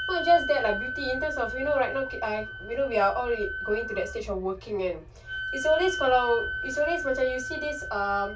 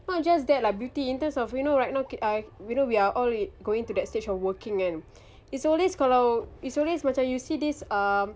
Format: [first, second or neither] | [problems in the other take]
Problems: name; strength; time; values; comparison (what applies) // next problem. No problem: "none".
second | background sound (Wind instrument, woodwind instrument); 7 dB below the speech // room echo; dies away in 0.2 s